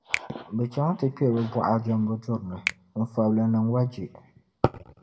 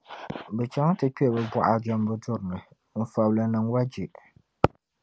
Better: second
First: background sound (Finger snapping); 13 dB below the speech // room echo; dies away in 0.5 s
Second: none

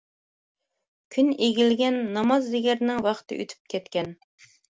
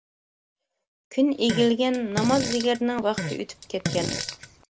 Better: first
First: none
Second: background sound (Fart); 6 dB below the speech

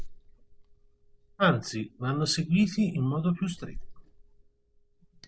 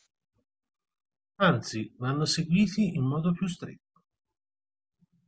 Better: second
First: background sound (Liquid); 15 dB below the speech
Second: none

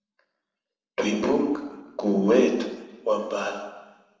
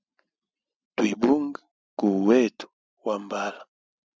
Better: second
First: room echo; dies away in 1 s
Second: none

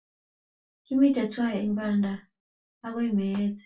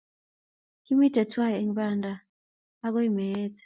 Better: second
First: room echo; dies away in 0.2 s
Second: none

